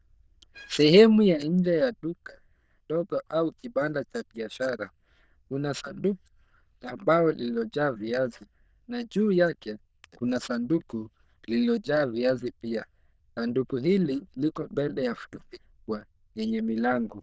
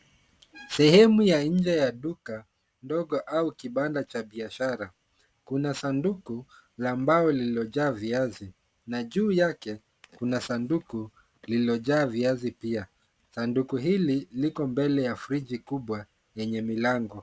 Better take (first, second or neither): second